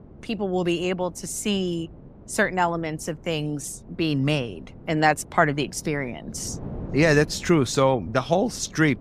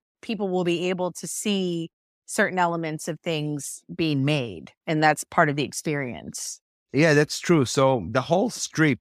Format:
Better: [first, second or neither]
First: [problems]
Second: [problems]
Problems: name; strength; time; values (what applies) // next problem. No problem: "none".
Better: second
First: wind noise on the microphone; occasional gusts; 25 dB below the speech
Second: none